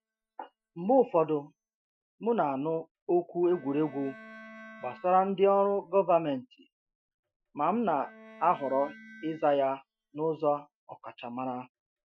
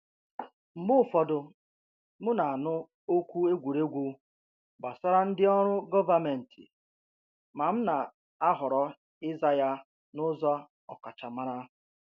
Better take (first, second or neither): second